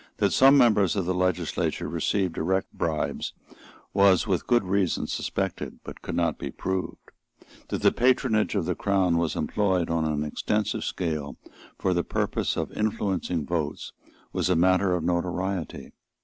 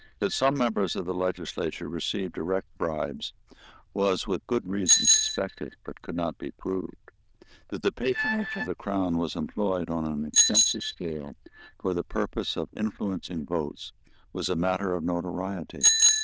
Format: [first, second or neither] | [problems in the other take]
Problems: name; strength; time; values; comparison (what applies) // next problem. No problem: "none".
first | noise reduction (neural diffusion model UNIVERSE++)